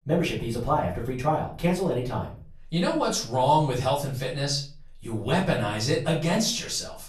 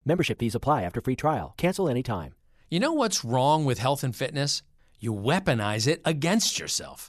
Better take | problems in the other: second | off-mic speech; far // room echo; slight; dies away in 0.4 s

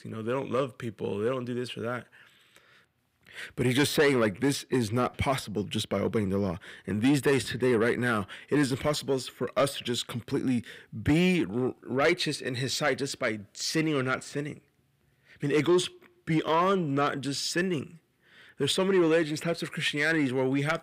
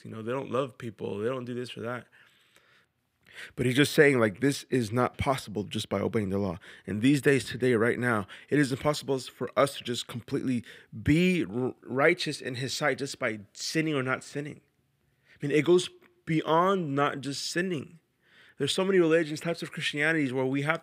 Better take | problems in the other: second | distortion; slight; 10 dB below the speech

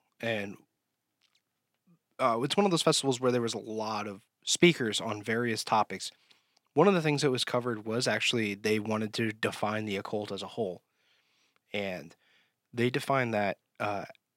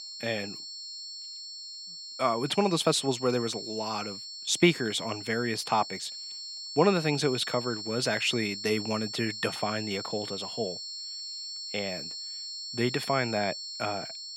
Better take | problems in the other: first | high-pitched whine; loud; throughout; 4.5 kHz, 8 dB below the speech

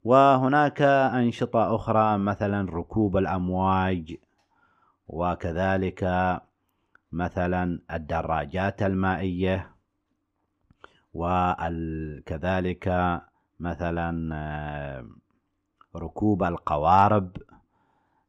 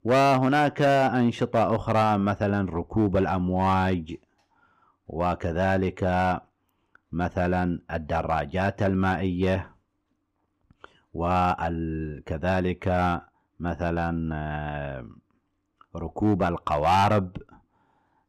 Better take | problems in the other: first | distortion; slight; 3% of the sound clipped

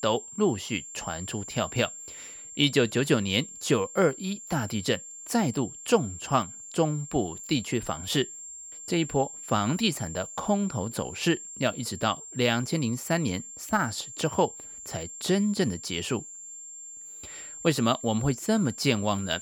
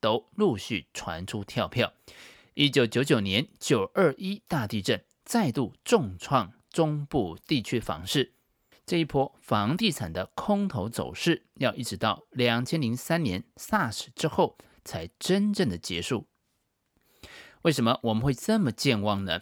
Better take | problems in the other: second | high-pitched whine; noticeable; throughout; 7.5 kHz, 10 dB below the speech

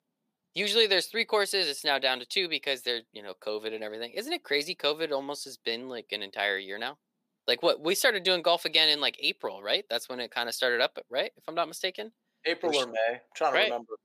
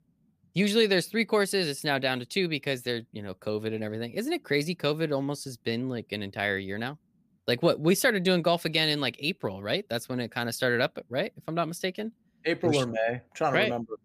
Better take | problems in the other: second | thin; somewhat; fading below 500 Hz

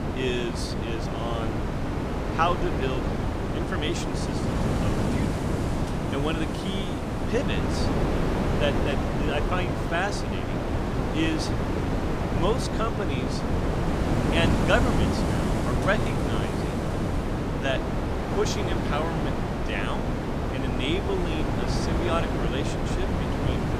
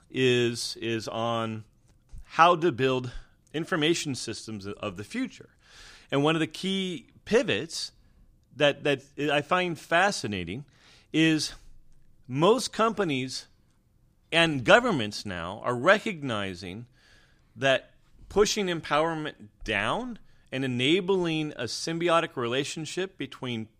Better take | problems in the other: second | wind noise on the microphone; heavy; as loud as the speech

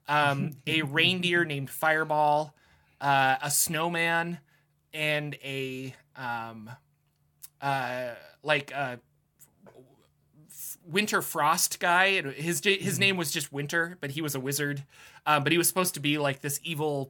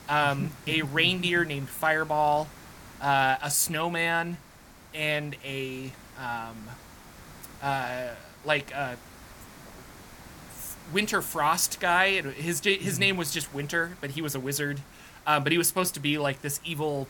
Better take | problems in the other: first | hiss; faint; throughout; 20 dB below the speech

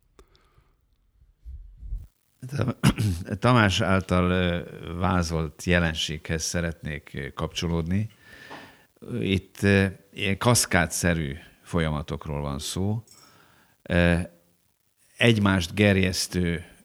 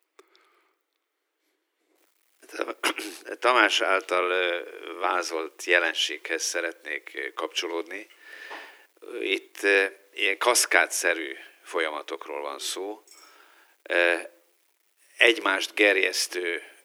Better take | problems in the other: first | thin; very; fading below 300 Hz

